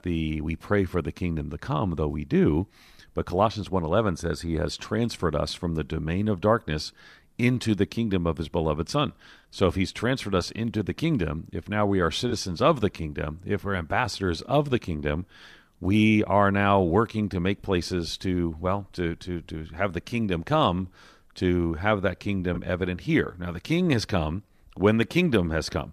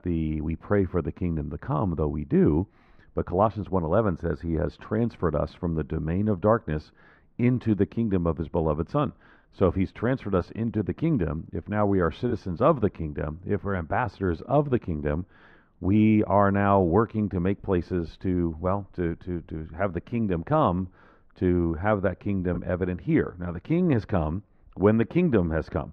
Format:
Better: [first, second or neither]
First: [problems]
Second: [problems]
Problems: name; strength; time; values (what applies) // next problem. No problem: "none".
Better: first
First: none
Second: muffled; very; fading above 3.5 kHz